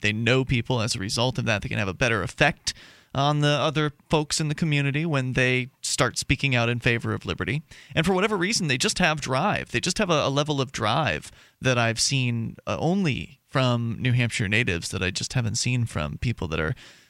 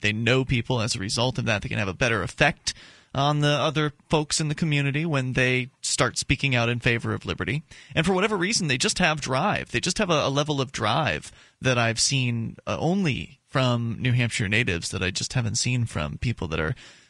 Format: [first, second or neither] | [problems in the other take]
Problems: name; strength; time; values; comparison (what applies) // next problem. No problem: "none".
first | garbled, watery; slightly